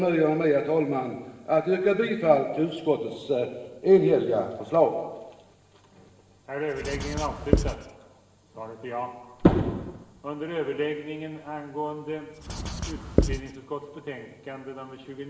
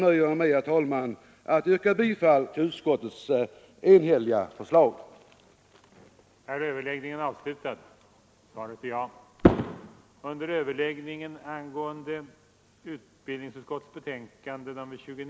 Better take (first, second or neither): second